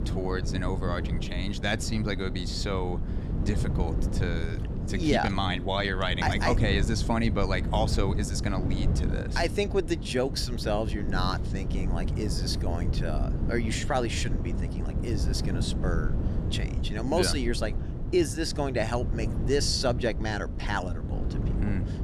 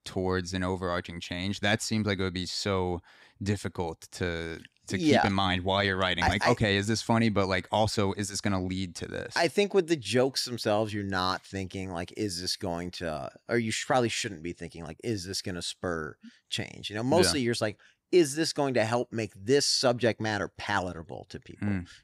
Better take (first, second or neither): second